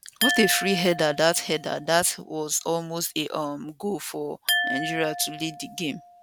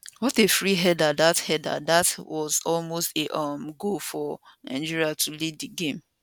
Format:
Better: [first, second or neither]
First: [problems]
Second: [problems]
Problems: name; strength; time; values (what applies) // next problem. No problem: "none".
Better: second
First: background sound (Glass); 6 dB below the speech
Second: none